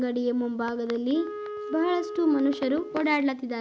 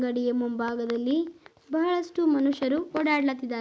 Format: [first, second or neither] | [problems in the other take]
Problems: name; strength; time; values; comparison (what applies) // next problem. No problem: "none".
second | background sound (Wind instrument, woodwind instrument); 11 dB below the speech